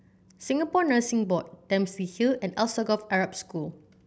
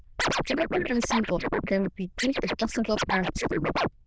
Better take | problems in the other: first | noise reduction (neural diffusion model UNIVERSE++)

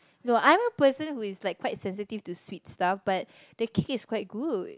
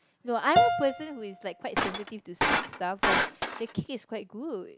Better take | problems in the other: first | background sound (Shatter + Piano); 5 dB above the speech

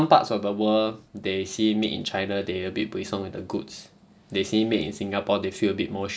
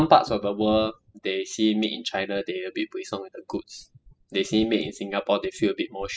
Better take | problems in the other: first | noise reduction (classical method spectral subtraction)

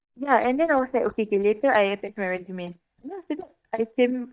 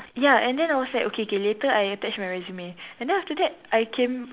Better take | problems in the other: second | noise reduction (neural mask model DeepFilterNet 3)

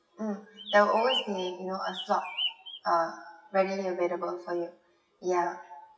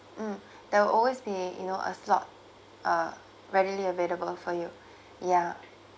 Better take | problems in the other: second | noise reduction (classical method WPE with log-MMSE)

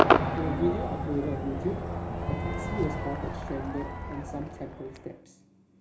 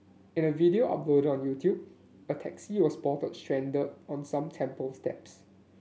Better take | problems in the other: second | background sound (Crowd / Cheering / Fireworks); 5 dB above the speech // room echo; dies away in 0.4 s

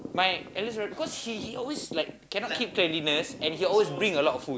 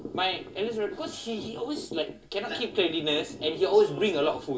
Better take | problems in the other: first | room echo; dies away in 0.1 s

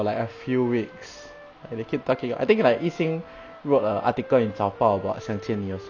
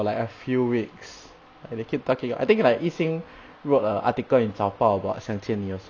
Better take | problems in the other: second | background sound (Wind instrument, woodwind instrument); 20 dB below the speech

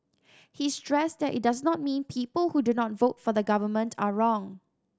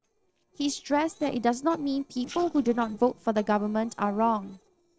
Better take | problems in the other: first | noise reduction (neural separator model SepFormer DNS4)

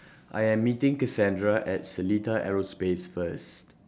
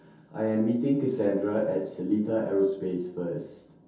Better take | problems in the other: first | room echo; dies away in 0.6 s

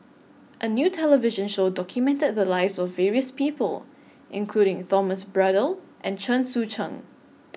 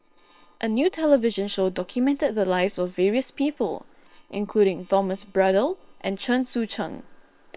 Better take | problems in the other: first | noise reduction (neural separator model SepFormer WHAM!)

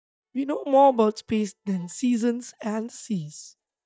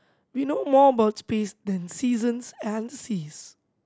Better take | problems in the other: second | noise reduction (neural mask model DeepFilterNet 3)

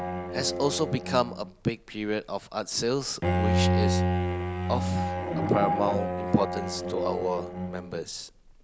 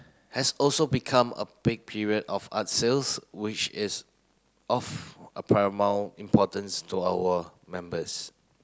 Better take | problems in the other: second | background sound (Bowed string instrument); 1 dB above the speech

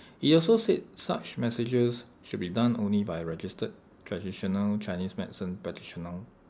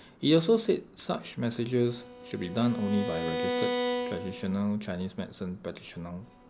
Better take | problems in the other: first | background sound (Bowed string instrument); 7 dB below the speech

